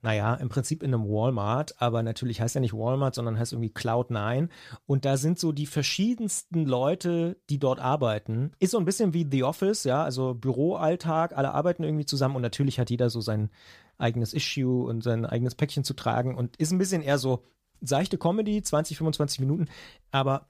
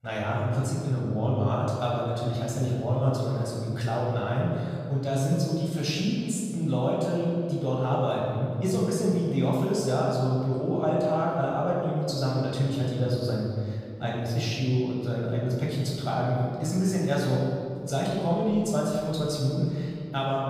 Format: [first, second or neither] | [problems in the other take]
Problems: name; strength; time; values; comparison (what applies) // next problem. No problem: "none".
first | off-mic speech; far // room echo; noticeable; dies away in 2 s